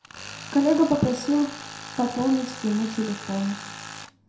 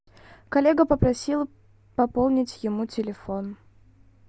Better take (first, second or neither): second